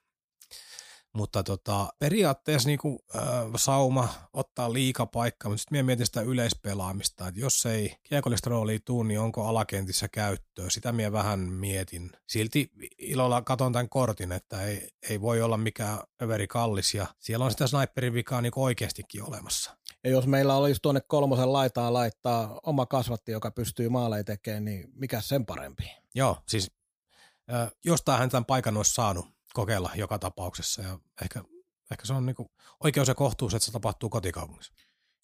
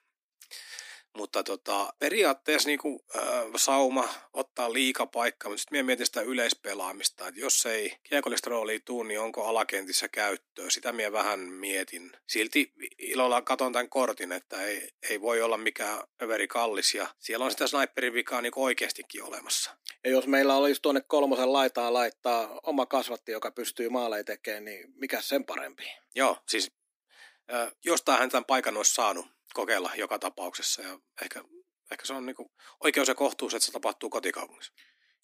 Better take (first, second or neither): first